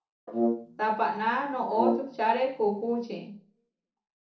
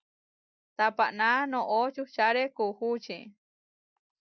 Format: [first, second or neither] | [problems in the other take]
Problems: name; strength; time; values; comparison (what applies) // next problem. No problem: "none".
second | noise reduction (neural separator model SepFormer DNS4)